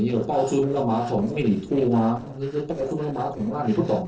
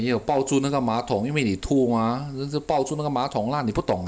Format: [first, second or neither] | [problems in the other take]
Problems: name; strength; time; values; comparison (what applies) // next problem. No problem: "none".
second | noise reduction (neural separator model SepFormer DNS4)